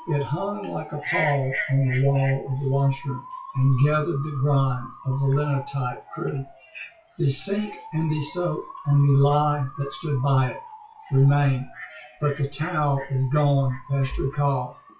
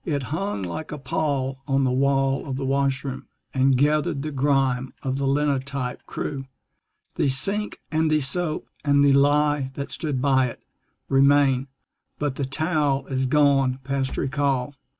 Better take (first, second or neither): second